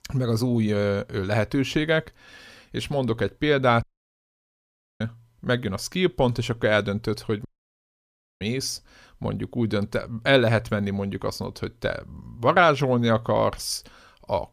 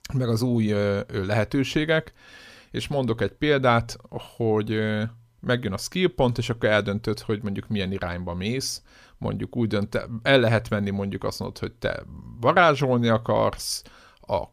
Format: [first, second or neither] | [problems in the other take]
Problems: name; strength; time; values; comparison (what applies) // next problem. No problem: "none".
second | audio cutting out; at 4 s for 1 s and at 7.5 s for 1 s